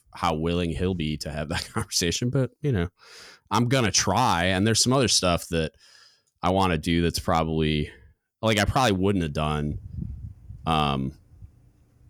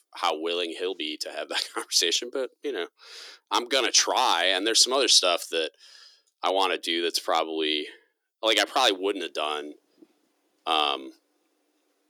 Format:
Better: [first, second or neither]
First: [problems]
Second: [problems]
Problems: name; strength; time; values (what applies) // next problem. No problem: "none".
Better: first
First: none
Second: thin; very; fading below 300 Hz